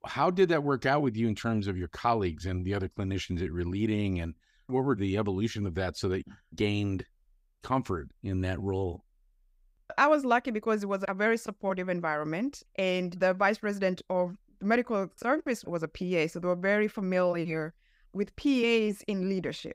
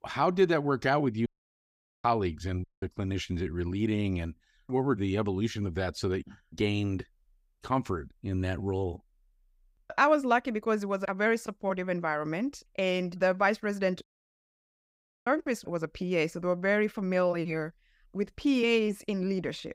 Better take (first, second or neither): first